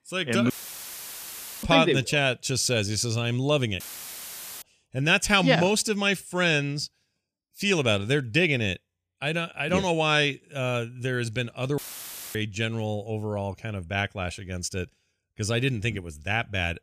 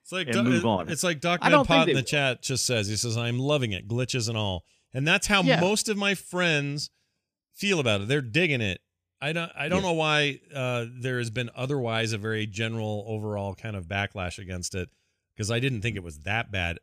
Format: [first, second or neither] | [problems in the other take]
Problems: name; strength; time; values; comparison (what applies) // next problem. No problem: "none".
second | audio cutting out; filled with static; at 0.5 s for 1 s, at 4 s for 1 s and at 12 s for 0.5 s